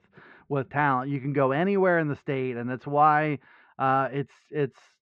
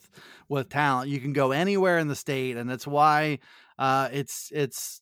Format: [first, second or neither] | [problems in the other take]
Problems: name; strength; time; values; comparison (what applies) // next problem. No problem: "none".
second | muffled; very; fading above 2 kHz